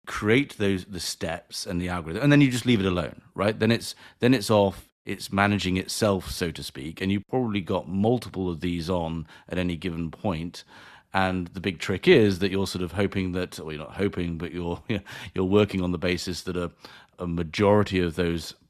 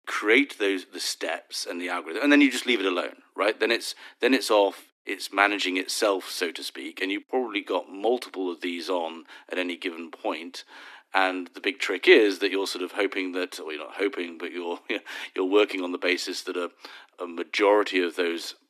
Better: first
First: none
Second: thin; very slightly; fading below 250 Hz

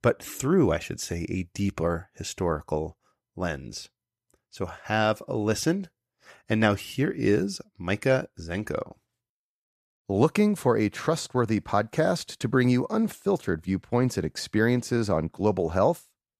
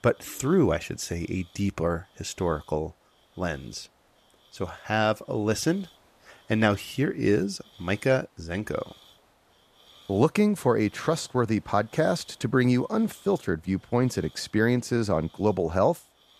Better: first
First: none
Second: hiss; faint; throughout; 30 dB below the speech

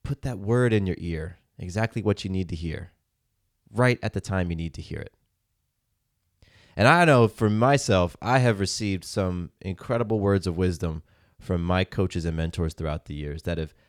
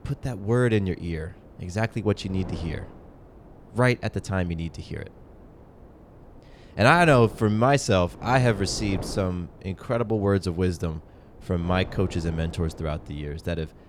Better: first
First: none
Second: wind noise on the microphone; occasional gusts; 20 dB below the speech

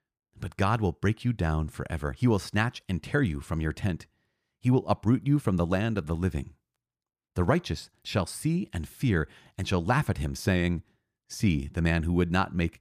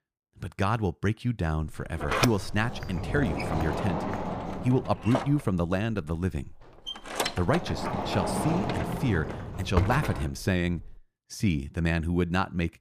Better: first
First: none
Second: door banging; loud; from 2 to 11 s; peak 2 dB above the speech

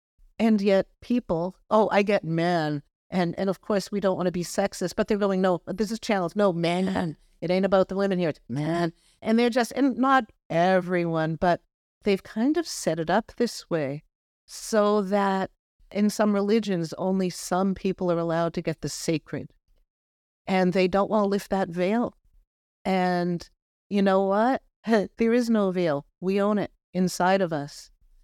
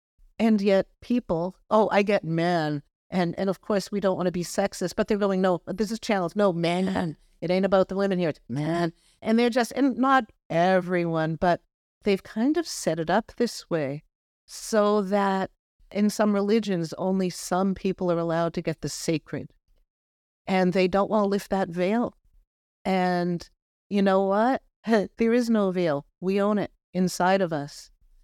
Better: neither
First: none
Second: none

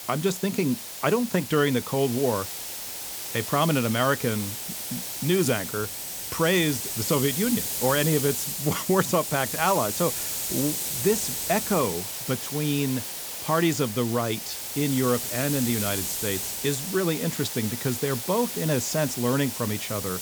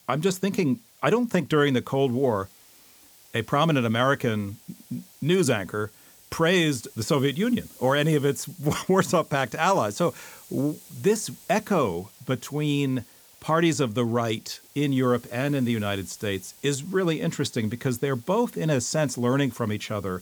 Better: second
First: hiss; loud; throughout; 4 dB below the speech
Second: hiss; faint; throughout; 25 dB below the speech

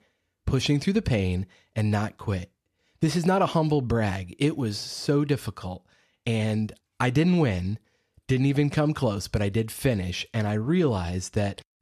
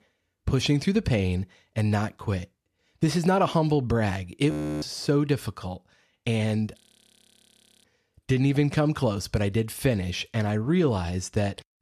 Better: first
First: none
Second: audio freezing; at 4.5 s and at 7 s for 1 s

